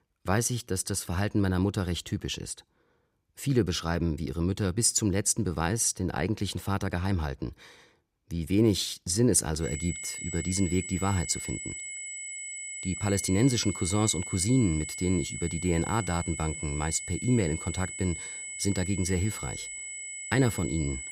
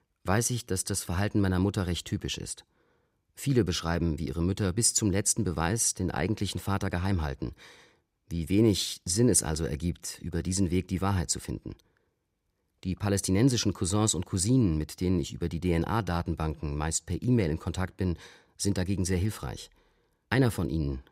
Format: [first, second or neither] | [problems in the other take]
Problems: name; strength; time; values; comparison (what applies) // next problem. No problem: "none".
second | high-pitched whine; loud; from 9.5 s on; 2 kHz, 7 dB below the speech